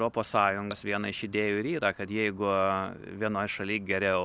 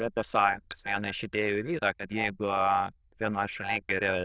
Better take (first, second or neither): first